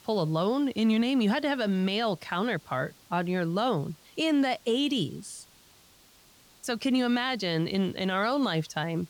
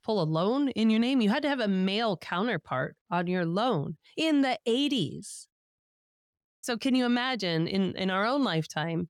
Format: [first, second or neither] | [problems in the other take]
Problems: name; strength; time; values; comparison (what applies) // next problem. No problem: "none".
second | hiss; faint; throughout; 25 dB below the speech